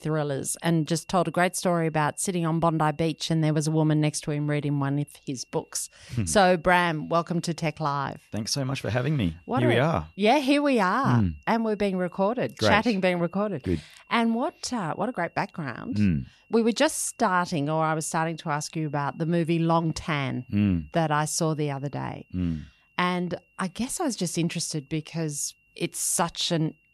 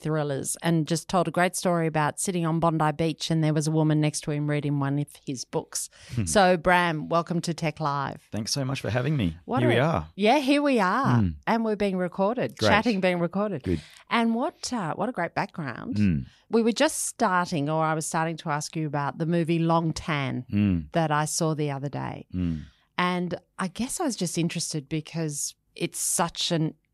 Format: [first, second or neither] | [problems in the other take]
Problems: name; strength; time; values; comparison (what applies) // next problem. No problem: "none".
second | high-pitched whine; faint; throughout; 3 kHz, 35 dB below the speech